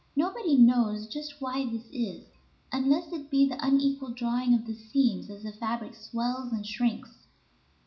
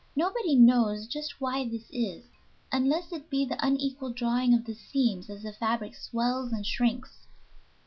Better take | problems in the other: second | room echo; dies away in 0.4 s

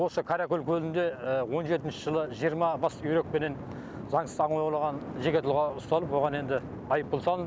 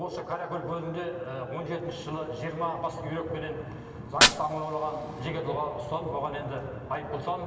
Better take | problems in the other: first | background sound (Fire); 2 dB below the speech // room echo; dies away in 2.5 s

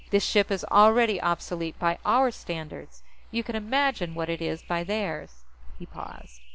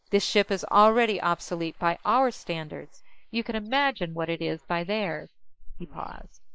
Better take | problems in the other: first | noise reduction (neural mask model Resemble Enhance denoiser)

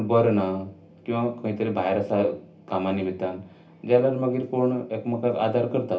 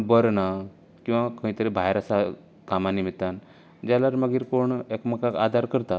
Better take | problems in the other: second | room echo; dies away in 0.3 s

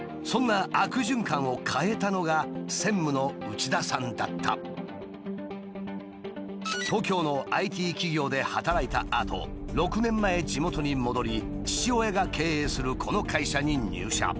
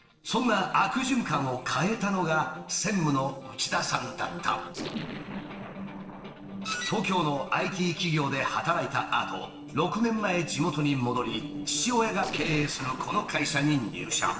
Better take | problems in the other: first | noise reduction (neural separator model SepFormer DNS4)

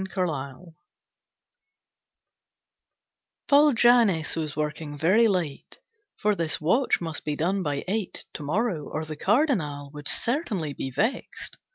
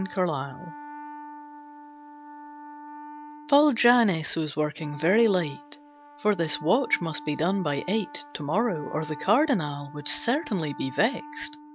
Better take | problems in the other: first | background sound (Wind instrument, woodwind instrument); 15 dB below the speech

